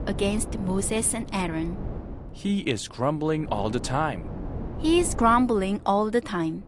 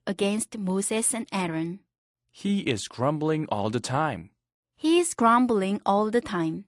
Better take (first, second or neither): second